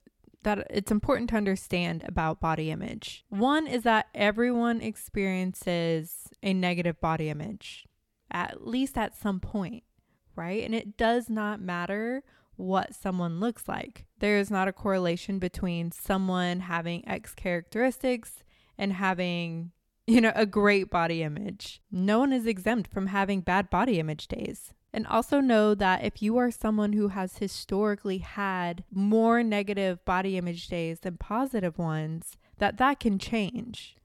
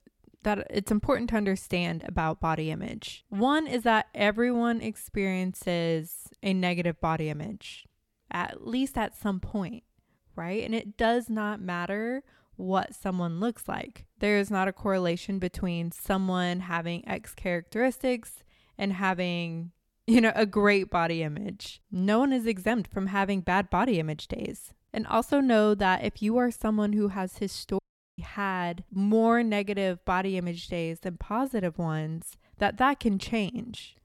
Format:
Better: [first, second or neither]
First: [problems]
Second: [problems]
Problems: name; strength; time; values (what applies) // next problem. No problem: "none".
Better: first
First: none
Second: audio cutting out; at 28 s